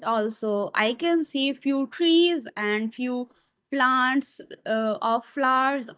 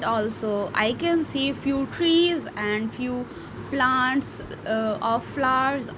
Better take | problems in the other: second | noise reduction (neural mask model DeepFilterNet 3)

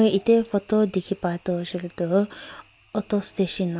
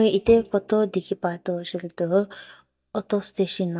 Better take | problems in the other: first | noise reduction (neural mask model DeepFilterNet 3)

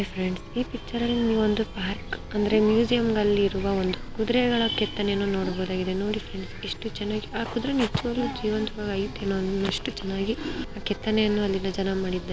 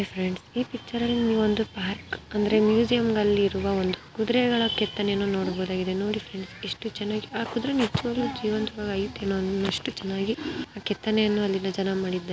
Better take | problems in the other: second | background sound (Chime); 11 dB below the speech

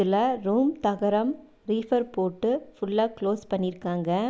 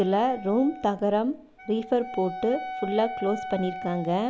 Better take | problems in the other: first | background sound (Wind instrument, woodwind instrument); 11 dB below the speech

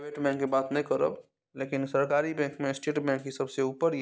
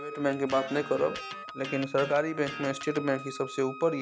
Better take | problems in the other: first | background sound (Wind instrument, woodwind instrument + Electric guitar); 12 dB below the speech

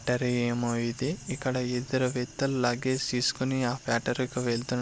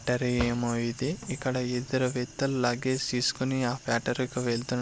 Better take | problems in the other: first | background sound (Cutlery, silverware / Drawer open or close); 11 dB below the speech

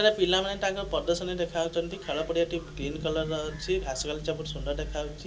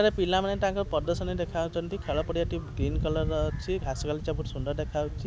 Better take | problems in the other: second | room echo; dies away in 0.2 s

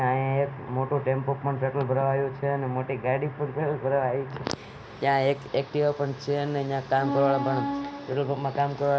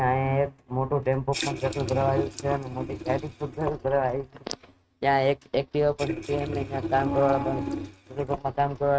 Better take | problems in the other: first | noise reduction (neural mask model RNNoise)

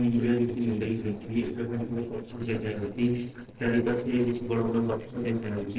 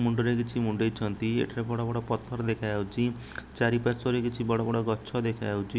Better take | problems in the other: second | noise reduction (neural separator model SepFormer DNS4)

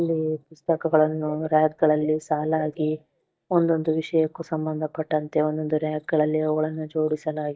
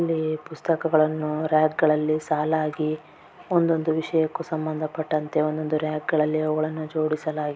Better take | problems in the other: second | noise reduction (neural mask model DeepFilterNet 3)

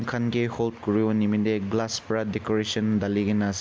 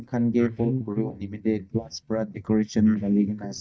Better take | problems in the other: first | noise reduction (neural mask model DeepFilterNet 3)

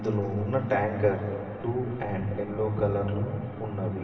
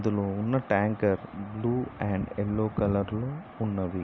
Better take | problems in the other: second | room echo; dies away in 2.6 s

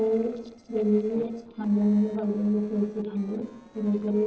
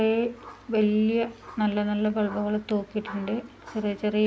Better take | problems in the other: second | noise reduction (neural separator model SepFormer DNS4)

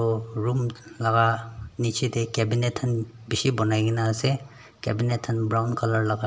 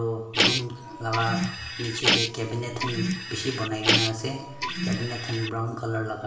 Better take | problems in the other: first | background sound (Printer); 2 dB above the speech // room echo; dies away in 0.8 s

